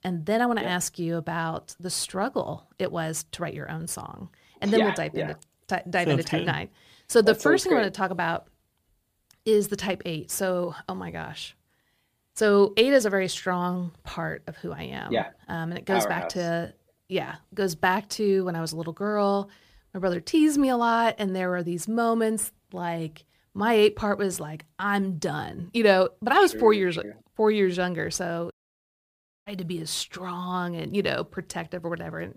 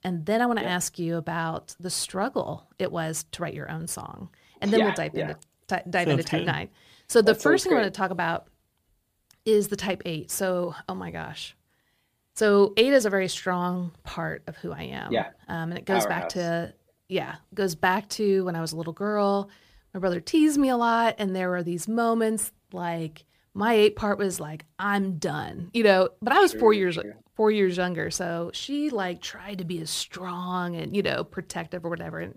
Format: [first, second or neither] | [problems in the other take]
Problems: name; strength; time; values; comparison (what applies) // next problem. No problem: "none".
second | audio cutting out; at 29 s for 1 s